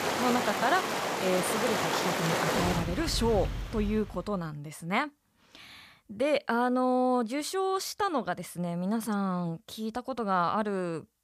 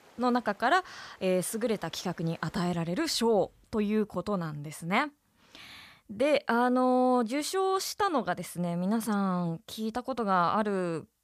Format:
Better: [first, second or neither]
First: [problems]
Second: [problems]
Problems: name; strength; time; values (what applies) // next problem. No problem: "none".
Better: second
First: rain or running water; loud; until 4 s; as loud as the speech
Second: rain or running water; faint; until 4 s; 30 dB below the speech